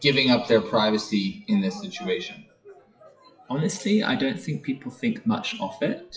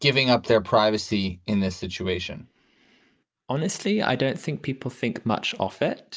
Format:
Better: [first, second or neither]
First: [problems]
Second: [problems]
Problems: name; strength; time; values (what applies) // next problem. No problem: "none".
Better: second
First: noise reduction (classical method WPE with log-MMSE)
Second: none